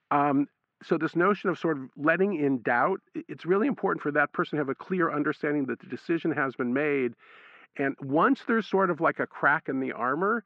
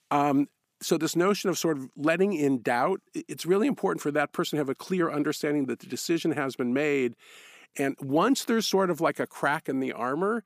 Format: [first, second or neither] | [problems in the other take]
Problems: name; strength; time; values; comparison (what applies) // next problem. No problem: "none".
second | muffled; very; fading above 2.5 kHz